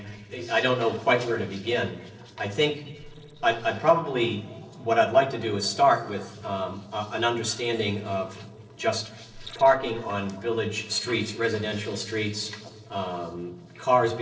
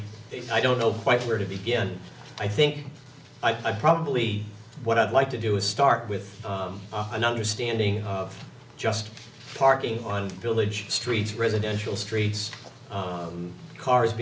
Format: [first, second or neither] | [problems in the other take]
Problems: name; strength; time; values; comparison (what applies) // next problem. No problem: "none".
second | noise reduction (neural separator model SepFormer DNS4)